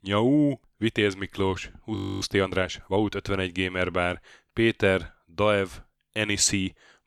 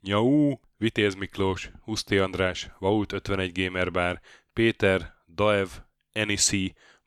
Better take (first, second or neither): second